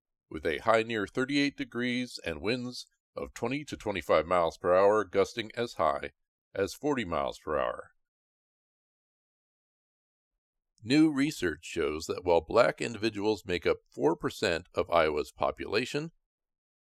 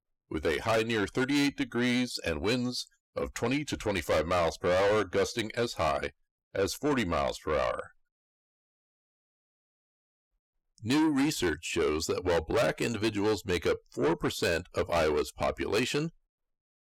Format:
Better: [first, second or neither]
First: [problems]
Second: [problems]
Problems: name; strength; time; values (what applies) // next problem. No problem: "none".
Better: first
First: none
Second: distortion; heavy; 6 dB below the speech